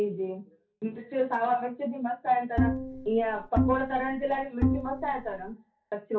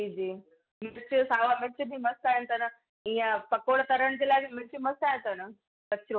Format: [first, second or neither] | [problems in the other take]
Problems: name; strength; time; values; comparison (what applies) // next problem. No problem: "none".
second | background sound (Bowed string instrument); as loud as the speech // room echo; dies away in 0.3 s